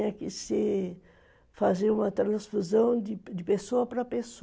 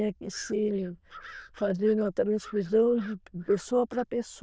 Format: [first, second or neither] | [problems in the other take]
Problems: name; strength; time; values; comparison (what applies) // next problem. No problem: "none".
first | noise reduction (neural diffusion model UNIVERSE++)